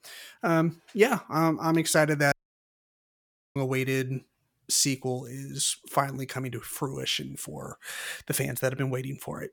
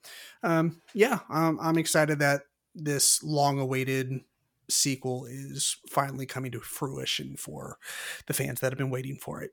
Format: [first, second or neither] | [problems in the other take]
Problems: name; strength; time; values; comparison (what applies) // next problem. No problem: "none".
second | audio cutting out; at 2.5 s for 1 s